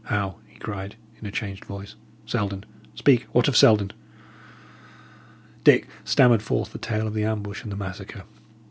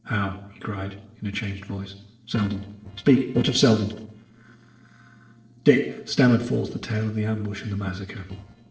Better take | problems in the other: first | noise reduction (neural separator model SepFormer DNS4)

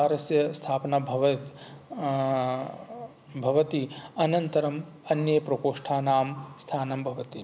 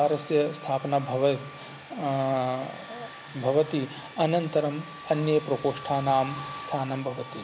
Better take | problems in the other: first | background sound (Domestic sounds, home sounds); 16 dB below the speech

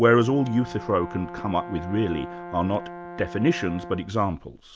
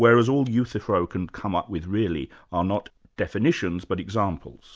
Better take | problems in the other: second | background sound (Brass instrument); 14 dB below the speech

